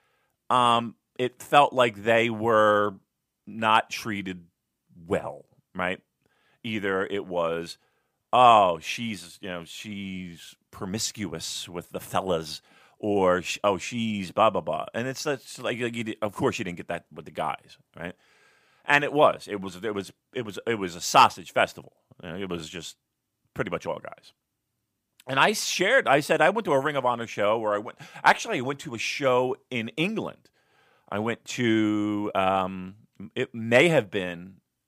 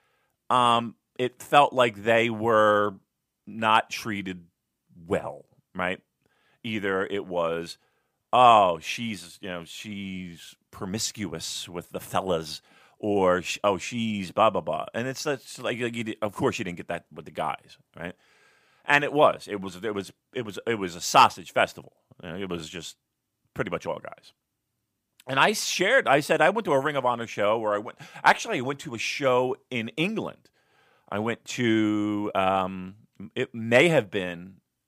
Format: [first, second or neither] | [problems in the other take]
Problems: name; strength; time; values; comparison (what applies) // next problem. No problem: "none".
neither | none